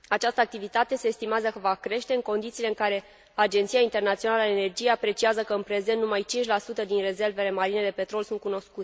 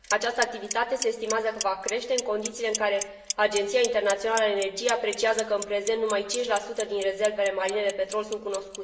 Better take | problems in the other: first | background sound (Clock); 12 dB below the speech // room echo; dies away in 0.8 s

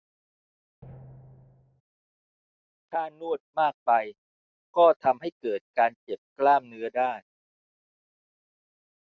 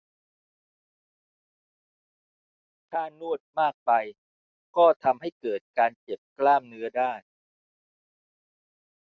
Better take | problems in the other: second | background sound (Drum); 20 dB below the speech

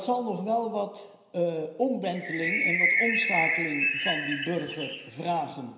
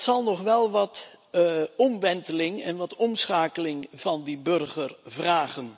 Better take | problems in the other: second | background sound (Bird); 3 dB above the speech // room echo; dies away in 0.9 s

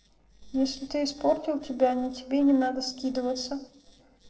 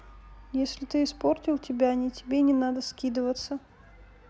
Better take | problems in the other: second | noise reduction (neural separator model SepFormer DNS4)

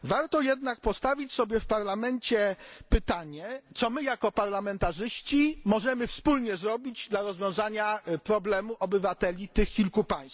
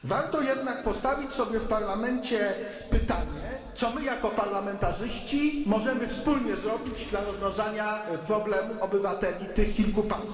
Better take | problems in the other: first | background sound (Boom); 20 dB below the speech // room echo; dies away in 2.3 s

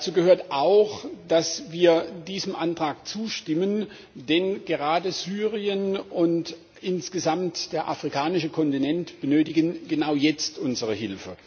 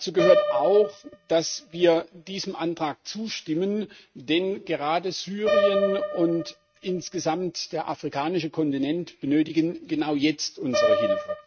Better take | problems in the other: first | noise reduction (neural mask model RNNoise)

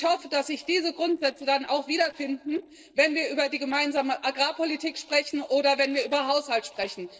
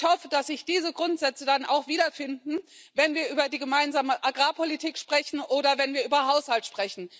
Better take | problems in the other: second | noise reduction (neural separator model SepFormer DNS4)

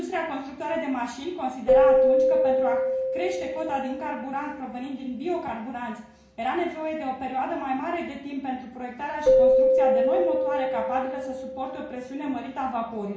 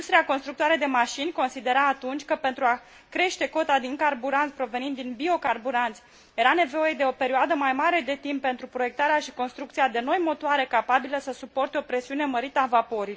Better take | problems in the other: second | background sound (Keyboard (musical)); 5 dB above the speech // room echo; dies away in 0.6 s

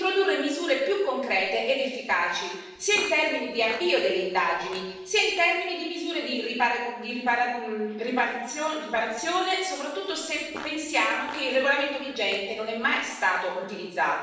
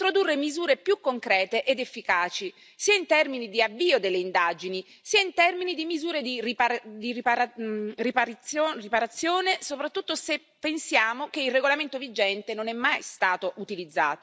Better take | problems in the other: second | background sound (Fart); 19 dB below the speech // room echo; dies away in 0.9 s

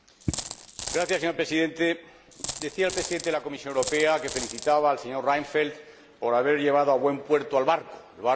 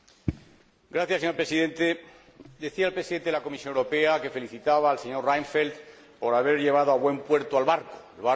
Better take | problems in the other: second | background sound (Coin (dropping)); 10 dB below the speech

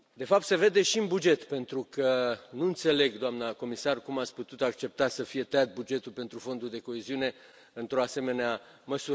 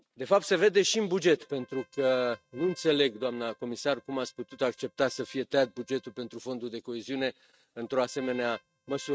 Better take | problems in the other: first | noise reduction (neural mask model RNNoise)

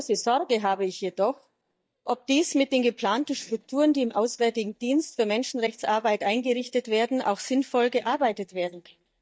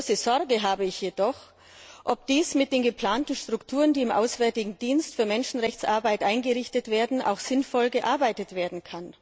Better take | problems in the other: second | noise reduction (neural mask model DeepFilterNet 3)

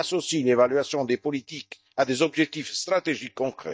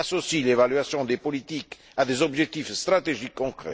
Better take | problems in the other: second | noise reduction (neural mask model DeepFilterNet 3)

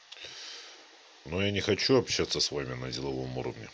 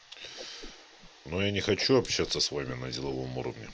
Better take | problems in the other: first | background sound (Whoosh, swoosh, swish); 19 dB below the speech

